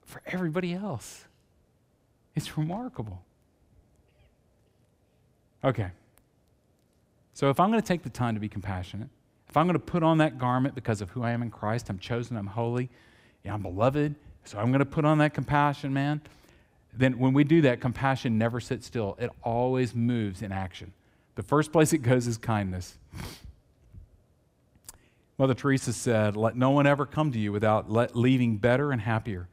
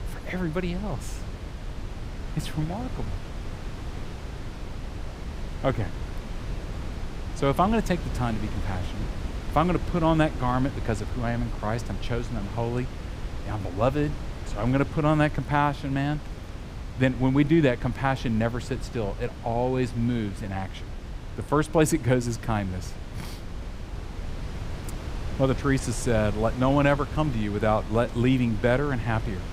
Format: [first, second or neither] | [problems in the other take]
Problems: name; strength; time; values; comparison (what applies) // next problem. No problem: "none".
first | wind noise on the microphone; occasional gusts; 15 dB below the speech